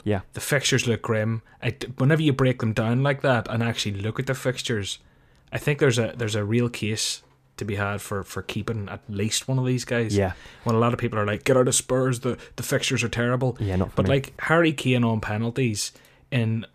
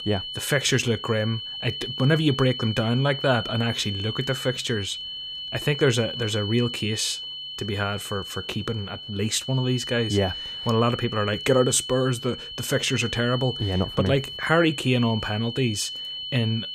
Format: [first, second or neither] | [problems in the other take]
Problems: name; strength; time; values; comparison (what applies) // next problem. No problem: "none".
first | high-pitched whine; loud; throughout; 3 kHz, 7 dB below the speech